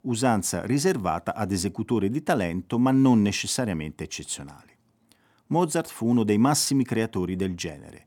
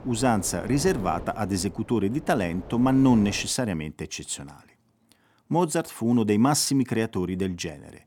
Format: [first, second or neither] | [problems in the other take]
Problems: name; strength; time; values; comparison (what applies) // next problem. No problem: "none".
first | wind noise on the microphone; occasional gusts; until 3.5 s; 15 dB below the speech